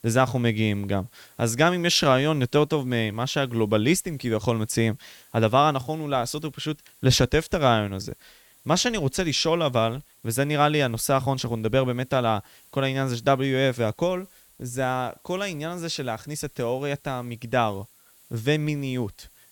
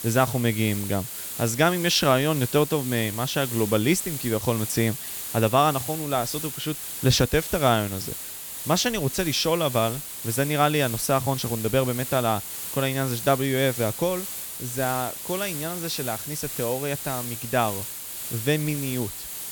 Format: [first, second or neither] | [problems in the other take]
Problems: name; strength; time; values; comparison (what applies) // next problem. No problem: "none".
first | hiss; loud; throughout; 7 dB below the speech; faint in the first